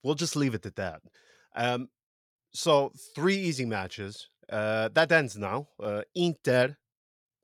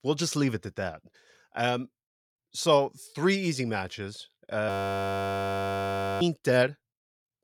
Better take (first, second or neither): first